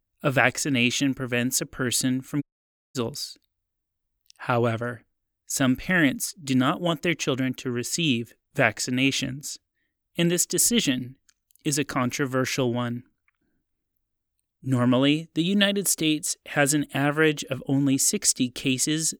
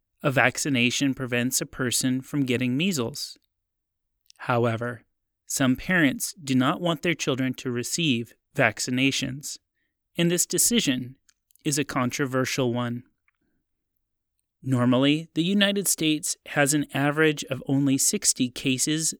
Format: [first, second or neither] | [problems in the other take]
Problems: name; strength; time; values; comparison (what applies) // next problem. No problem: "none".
second | audio cutting out; at 2.5 s for 0.5 s